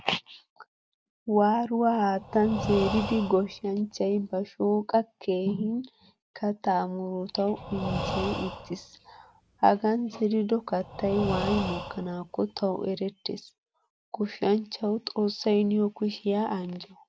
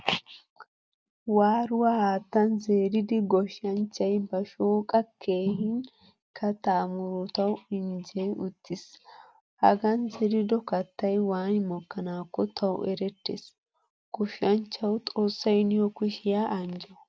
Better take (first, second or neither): second